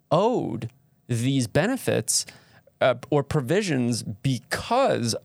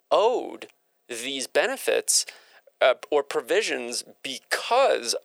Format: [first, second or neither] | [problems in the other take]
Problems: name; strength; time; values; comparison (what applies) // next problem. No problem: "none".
first | thin; very; fading below 400 Hz